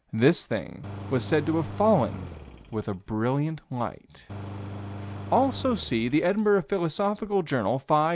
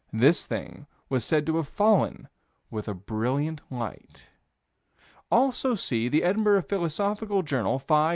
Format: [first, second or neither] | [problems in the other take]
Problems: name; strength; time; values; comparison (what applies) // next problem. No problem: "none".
second | background sound (Engine); 12 dB below the speech